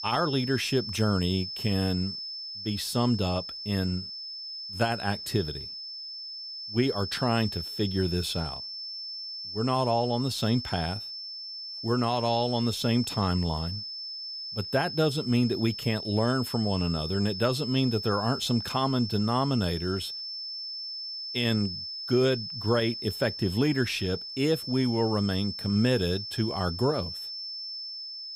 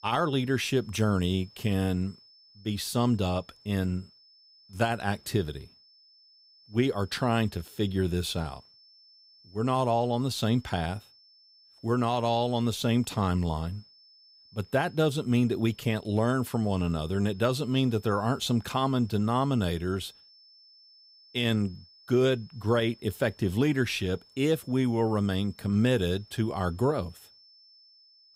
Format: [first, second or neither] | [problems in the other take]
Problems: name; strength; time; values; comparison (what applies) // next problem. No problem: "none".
second | high-pitched whine; loud; throughout; 5.5 kHz, 7 dB below the speech; faint in the second